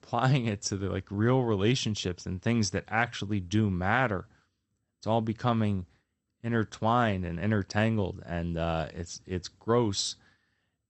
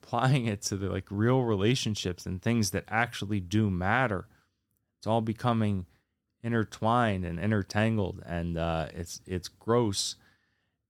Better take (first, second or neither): second